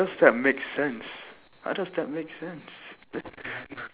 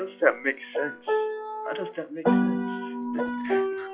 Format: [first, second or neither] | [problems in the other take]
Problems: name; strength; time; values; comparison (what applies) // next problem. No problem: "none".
first | noise reduction (classical method log-MMSE)